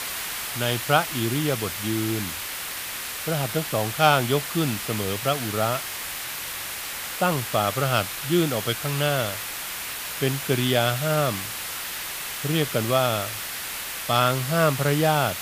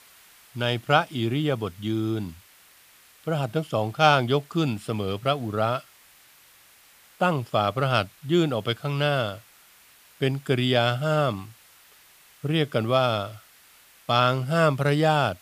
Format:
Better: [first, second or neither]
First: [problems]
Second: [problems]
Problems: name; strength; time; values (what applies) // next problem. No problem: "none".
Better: second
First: hiss; loud; throughout; 5 dB below the speech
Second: hiss; faint; throughout; 25 dB below the speech